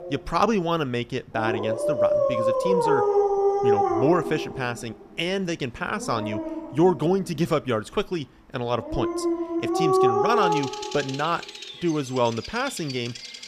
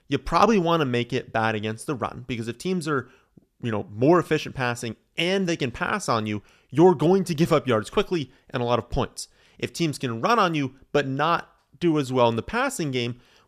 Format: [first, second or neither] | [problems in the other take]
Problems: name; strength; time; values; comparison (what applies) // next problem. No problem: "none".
second | animal sounds; very loud; throughout; 2 dB above the speech